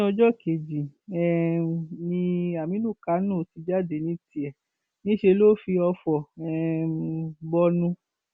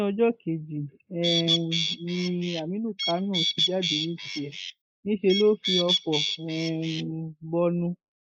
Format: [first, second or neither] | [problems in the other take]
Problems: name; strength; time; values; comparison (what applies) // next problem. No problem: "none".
first | noise reduction (neural mask model Resemble Enhance denoiser)